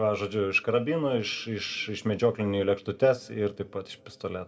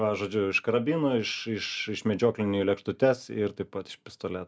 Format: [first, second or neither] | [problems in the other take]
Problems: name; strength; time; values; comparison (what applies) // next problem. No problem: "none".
second | room echo; dies away in 1.2 s